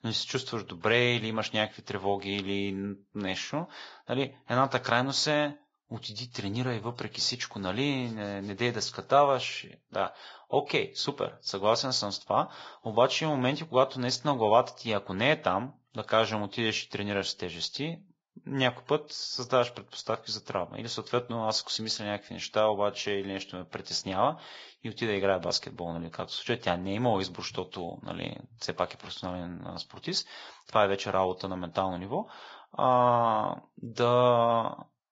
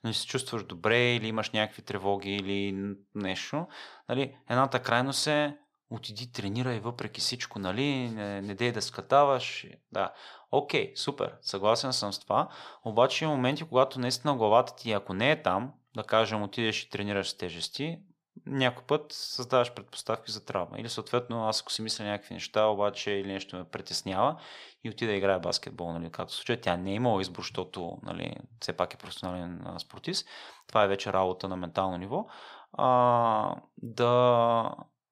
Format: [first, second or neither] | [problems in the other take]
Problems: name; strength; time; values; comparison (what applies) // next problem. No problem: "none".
second | garbled, watery; badly; nothing above 7.5 kHz